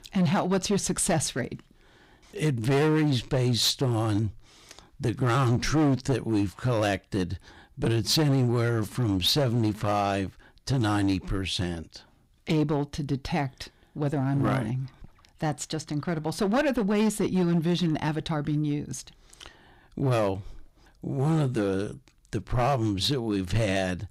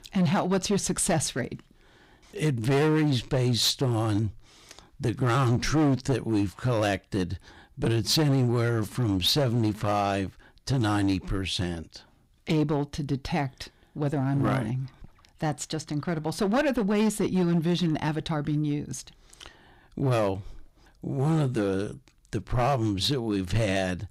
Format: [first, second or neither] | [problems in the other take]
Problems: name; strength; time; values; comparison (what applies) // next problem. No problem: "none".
neither | distortion; slight; 8% of the sound clipped; the same in both